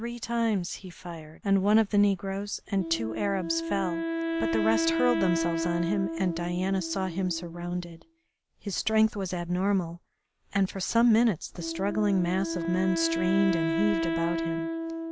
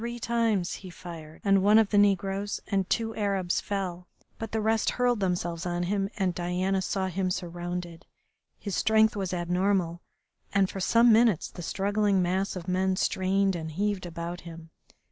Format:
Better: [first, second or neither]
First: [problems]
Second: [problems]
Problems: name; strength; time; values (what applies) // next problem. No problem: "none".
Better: second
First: background sound (Wind instrument, woodwind instrument); 5 dB below the speech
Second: none